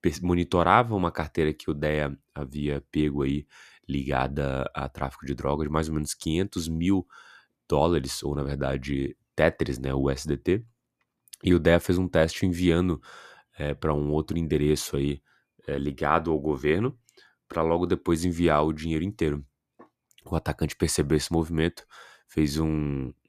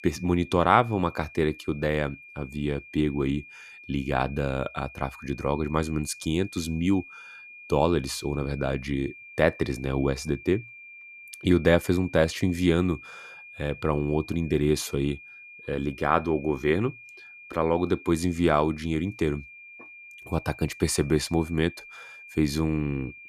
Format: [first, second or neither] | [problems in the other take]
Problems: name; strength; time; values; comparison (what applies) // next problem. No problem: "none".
first | high-pitched whine; noticeable; throughout; 2.5 kHz, 15 dB below the speech